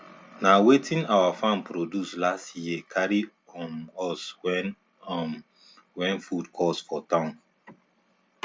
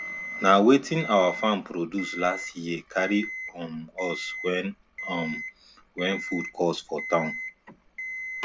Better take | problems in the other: first | background sound (Alarm); 10 dB below the speech

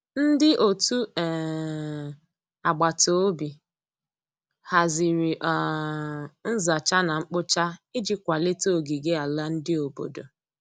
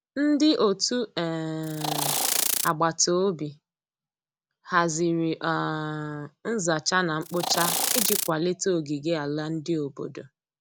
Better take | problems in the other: first | background sound (Insect); 1 dB above the speech

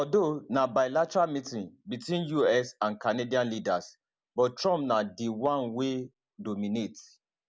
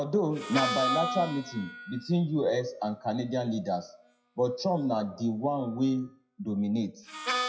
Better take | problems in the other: first | noise reduction (classical method WPE with log-MMSE)

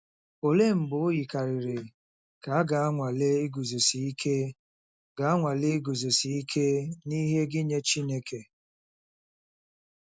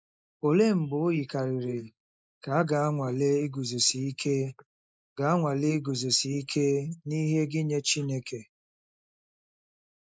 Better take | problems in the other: first | noise reduction (neural mask model Resemble Enhance denoiser)

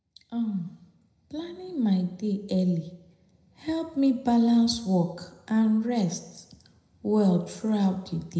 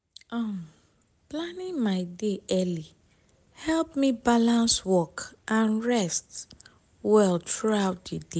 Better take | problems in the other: second | room echo; dies away in 0.7 s

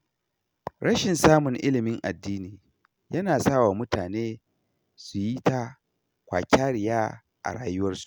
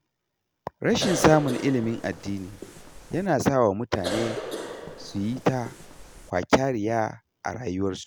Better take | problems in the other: first | background sound (Cough); 9 dB below the speech

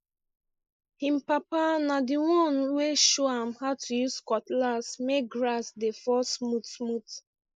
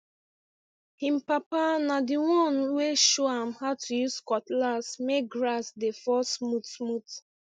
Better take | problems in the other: second | noise reduction (neural mask model Resemble Enhance denoiser)

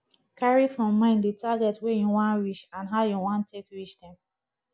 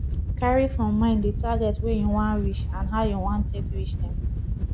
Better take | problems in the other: first | background sound (Wind / Boat, Water vehicle); as loud as the speech

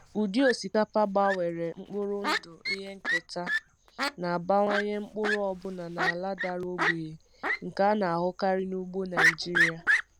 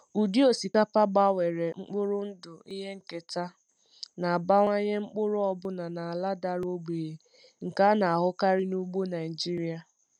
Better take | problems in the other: second | background sound (Fowl); 2 dB below the speech

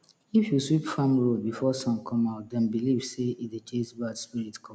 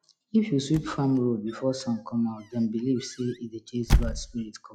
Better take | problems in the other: first | noise reduction (classical method log-MMSE)

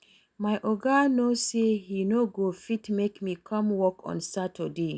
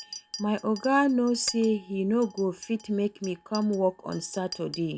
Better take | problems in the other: first | background sound (Chink, clink); 16 dB below the speech

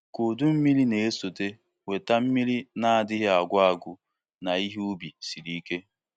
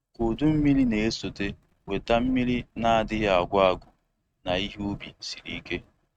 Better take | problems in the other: first | noise reduction (neural mask model RNNoise)

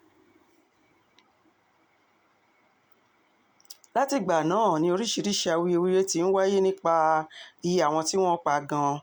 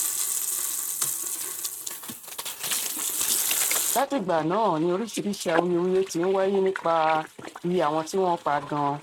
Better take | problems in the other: first | noise reduction (neural mask model RNNoise)

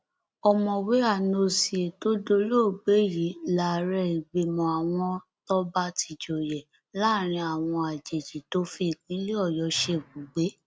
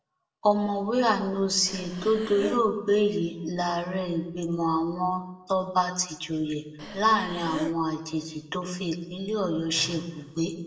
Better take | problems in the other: first | background sound (Breathing); 10 dB below the speech // room echo; dies away in 0.8 s

